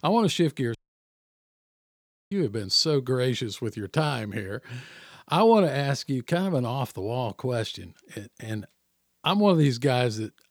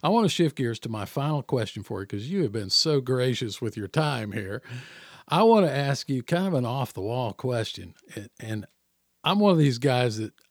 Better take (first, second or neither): second